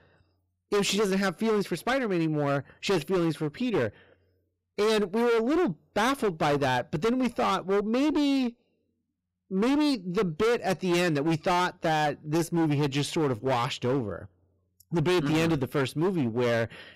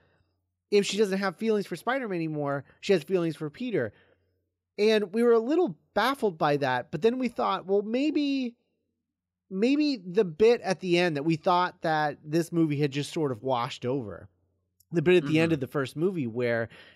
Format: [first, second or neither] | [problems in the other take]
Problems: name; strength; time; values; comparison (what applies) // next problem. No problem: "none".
second | distortion; heavy; 20% of the sound clipped